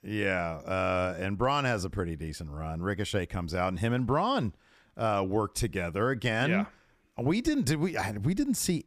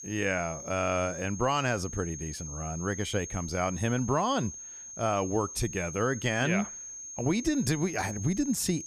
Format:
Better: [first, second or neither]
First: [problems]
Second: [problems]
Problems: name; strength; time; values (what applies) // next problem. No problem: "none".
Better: first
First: none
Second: high-pitched whine; loud; throughout; 6.5 kHz, 9 dB below the speech